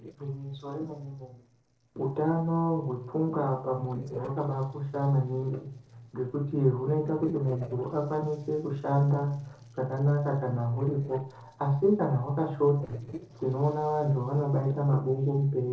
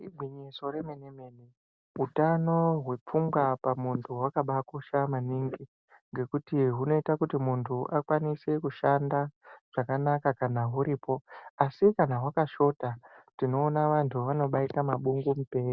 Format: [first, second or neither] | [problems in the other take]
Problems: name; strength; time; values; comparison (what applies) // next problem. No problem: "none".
second | noise reduction (neural separator model SepFormer DNS4)